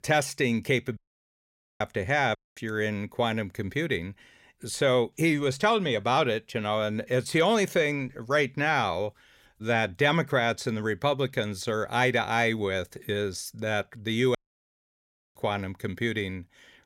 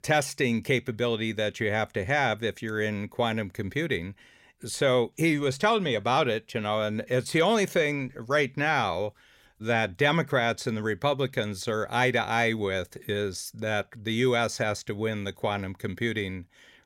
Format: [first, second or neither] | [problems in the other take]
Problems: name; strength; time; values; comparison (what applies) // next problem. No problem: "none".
second | audio cutting out; at 1 s for 1 s, at 2.5 s and at 14 s for 1 s